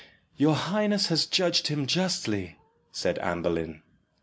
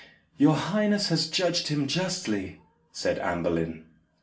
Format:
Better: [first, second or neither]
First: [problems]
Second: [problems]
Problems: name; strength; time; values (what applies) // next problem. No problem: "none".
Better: first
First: none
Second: room echo; dies away in 0.3 s